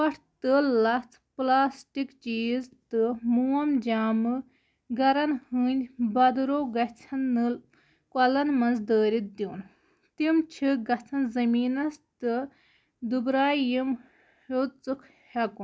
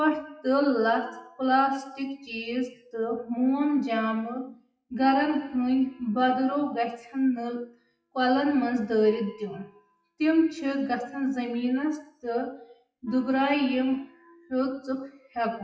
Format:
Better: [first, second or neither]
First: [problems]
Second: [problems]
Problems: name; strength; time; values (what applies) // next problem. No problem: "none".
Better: first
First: none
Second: noise reduction (classical method WPE with log-MMSE)